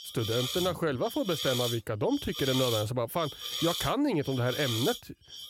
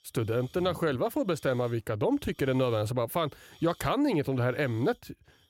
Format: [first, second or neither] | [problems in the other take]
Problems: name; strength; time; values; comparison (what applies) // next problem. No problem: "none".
second | hiss; loud; throughout; 4 dB below the speech; faint in the second